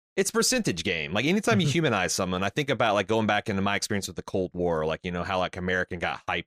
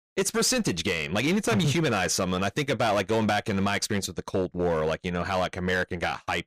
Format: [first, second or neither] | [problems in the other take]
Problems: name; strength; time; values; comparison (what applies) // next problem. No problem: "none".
first | distortion; slight; 10% of the sound clipped